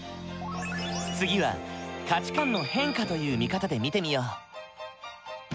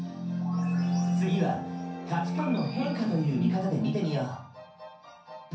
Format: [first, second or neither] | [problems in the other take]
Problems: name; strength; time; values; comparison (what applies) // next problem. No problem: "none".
first | room echo; dies away in 0.6 s